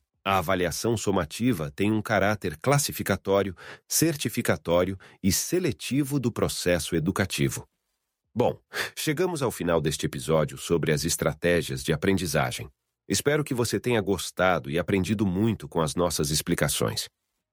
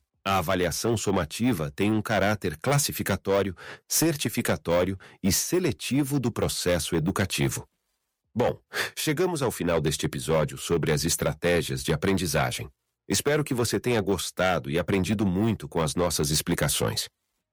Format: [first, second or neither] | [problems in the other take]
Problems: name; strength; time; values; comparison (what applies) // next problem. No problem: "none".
first | distortion; slight; 5% of the sound clipped